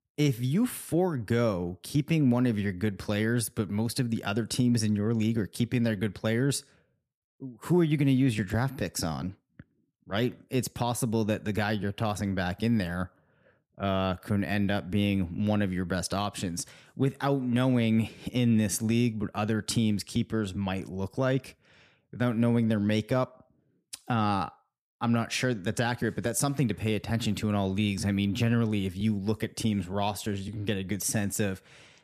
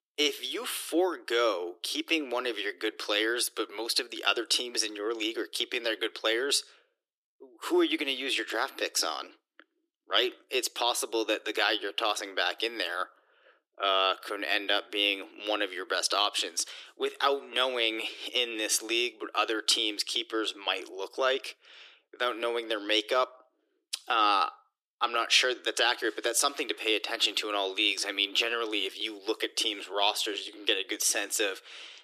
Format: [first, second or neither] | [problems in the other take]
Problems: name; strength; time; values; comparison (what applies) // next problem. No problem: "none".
first | thin; very; fading below 300 Hz